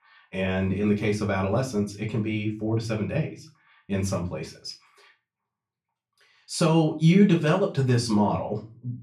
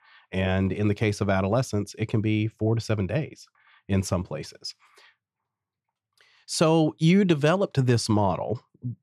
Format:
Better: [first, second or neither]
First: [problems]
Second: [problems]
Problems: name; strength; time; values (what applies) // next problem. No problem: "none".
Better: second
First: off-mic speech; far // room echo; very slight; dies away in 0.3 s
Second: none